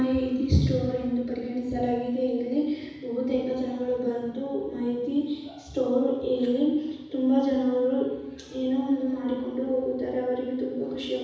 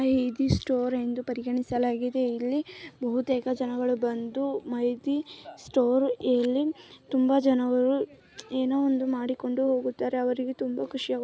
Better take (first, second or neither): second